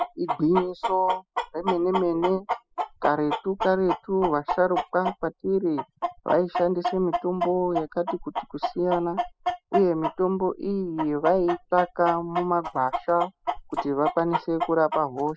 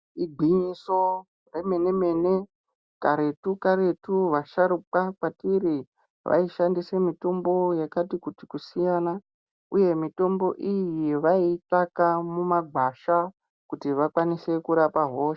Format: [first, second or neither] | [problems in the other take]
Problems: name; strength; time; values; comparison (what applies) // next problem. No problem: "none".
second | noise reduction (classical method spectral subtraction)